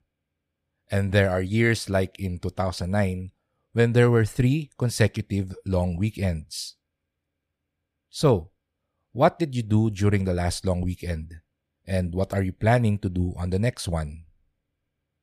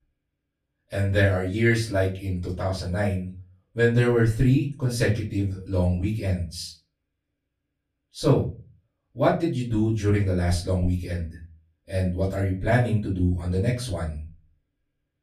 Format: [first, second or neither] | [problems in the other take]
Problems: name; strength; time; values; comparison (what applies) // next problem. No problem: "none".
first | off-mic speech; far // room echo; slight; dies away in 0.3 s